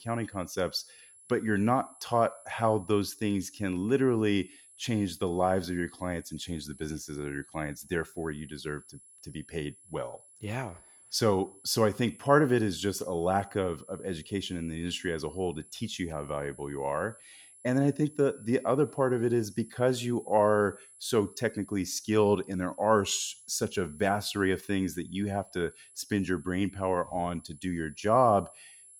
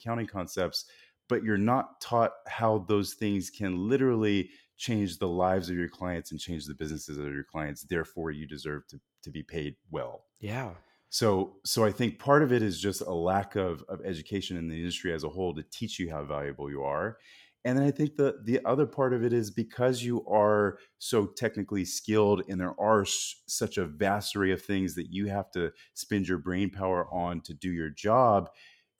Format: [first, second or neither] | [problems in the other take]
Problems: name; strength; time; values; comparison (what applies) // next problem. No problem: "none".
second | high-pitched whine; faint; throughout; 10.5 kHz, 20 dB below the speech